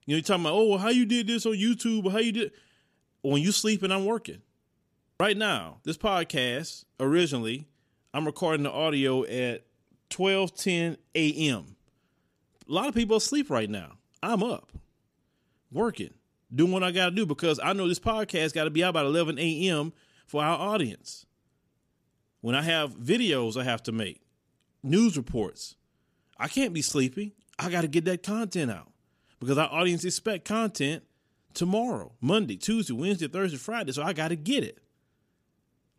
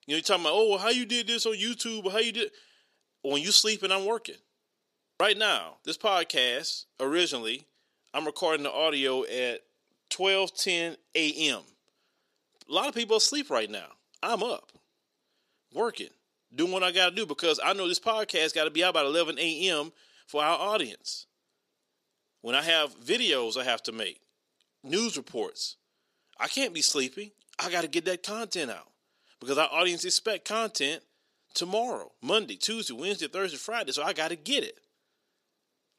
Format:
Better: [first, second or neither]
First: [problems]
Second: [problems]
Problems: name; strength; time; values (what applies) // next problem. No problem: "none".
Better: first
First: none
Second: thin; somewhat; fading below 500 Hz